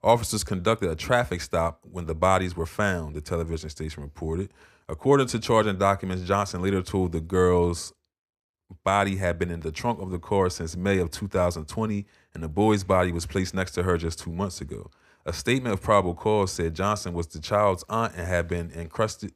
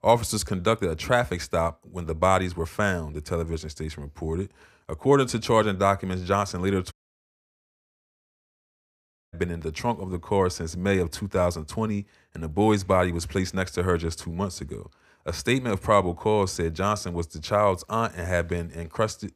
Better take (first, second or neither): first